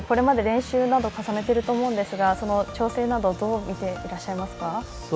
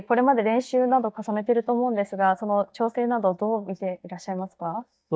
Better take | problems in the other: first | noise reduction (neural mask model DeepFilterNet 3)

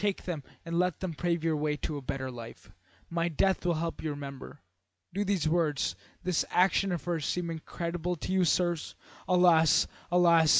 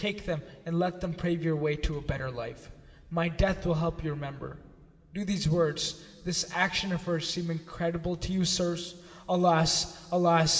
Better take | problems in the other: first | room echo; dies away in 2.7 s

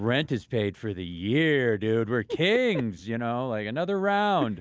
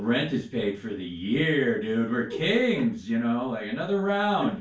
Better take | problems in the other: first | room echo; dies away in 0.3 s

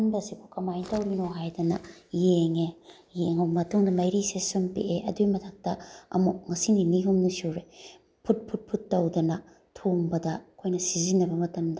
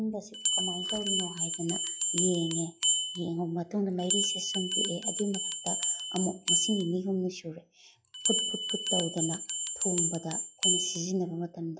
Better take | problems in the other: first | noise reduction (classical method log-MMSE)

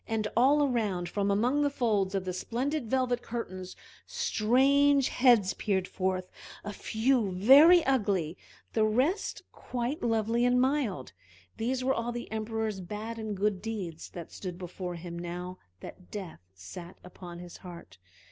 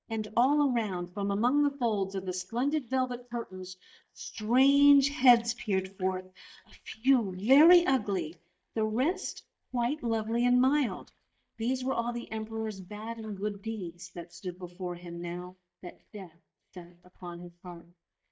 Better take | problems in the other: first | noise reduction (neural mask model DeepFilterNet 3)

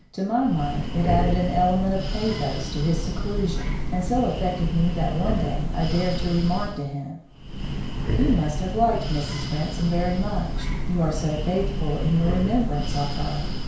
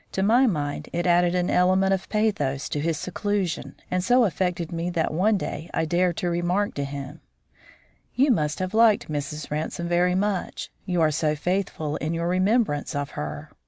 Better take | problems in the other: second | background sound (Breathing); 1 dB below the speech // room echo; dies away in 0.6 s

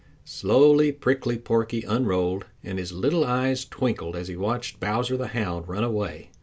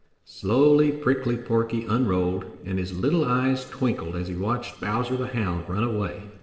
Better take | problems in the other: first | noise reduction (neural separator model SepFormer DNS4)

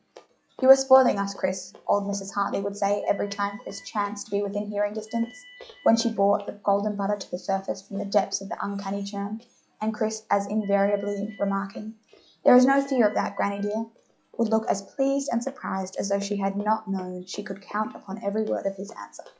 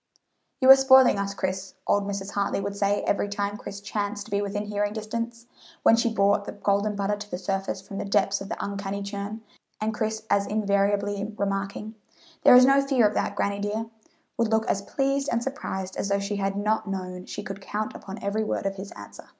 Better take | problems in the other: second | noise reduction (classical method log-MMSE)

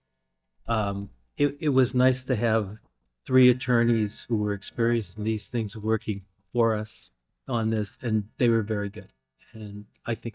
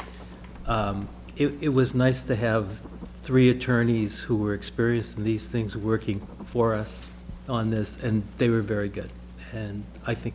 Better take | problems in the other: second | noise reduction (neural mask model DeepFilterNet 3)

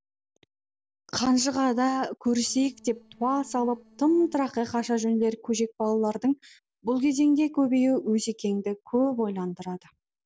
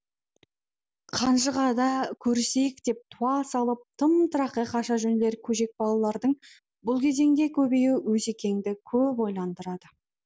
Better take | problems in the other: second | noise reduction (neural separator model SepFormer DNS4)

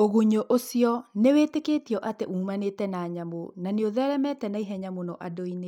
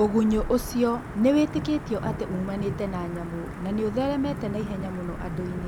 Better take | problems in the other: first | background sound (Thunder / Wind / Rain); 8 dB below the speech

